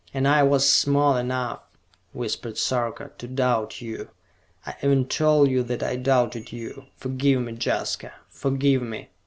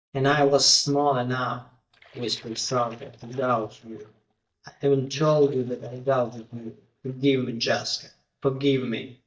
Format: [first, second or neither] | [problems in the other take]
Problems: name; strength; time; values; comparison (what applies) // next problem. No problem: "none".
first | noise reduction (neural mask model DeepFilterNet 3)